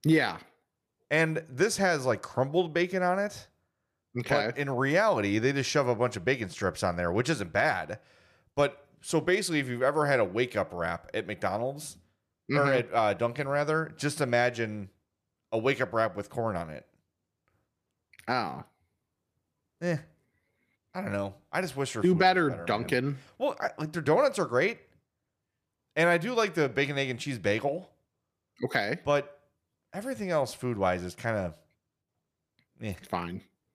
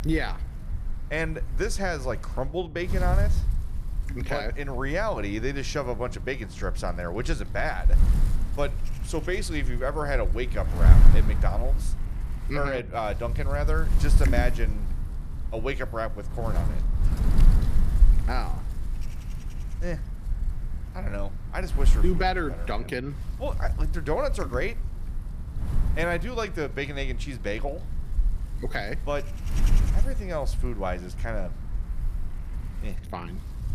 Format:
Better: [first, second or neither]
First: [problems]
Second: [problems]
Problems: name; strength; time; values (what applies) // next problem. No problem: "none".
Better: first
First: none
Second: wind noise on the microphone; occasional gusts; 15 dB below the speech